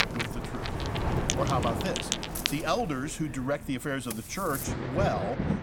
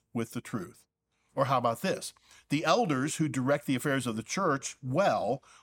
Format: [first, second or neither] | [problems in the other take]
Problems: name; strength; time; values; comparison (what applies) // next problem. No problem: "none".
second | rain or running water; very loud; throughout; 1 dB above the speech